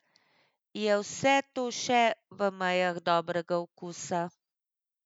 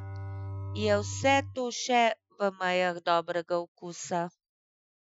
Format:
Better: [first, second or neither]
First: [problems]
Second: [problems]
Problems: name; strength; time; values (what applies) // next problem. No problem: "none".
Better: first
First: none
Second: noise reduction (classical method Wiener filter)